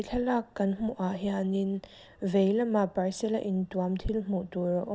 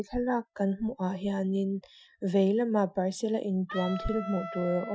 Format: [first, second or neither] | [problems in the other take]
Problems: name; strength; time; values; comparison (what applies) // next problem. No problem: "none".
first | noise reduction (classical method Wiener filter)